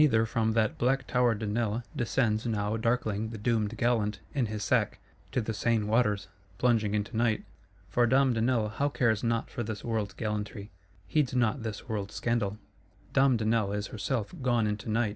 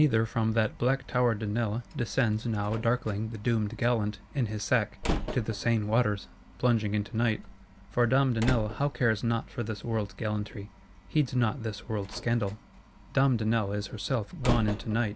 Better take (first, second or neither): first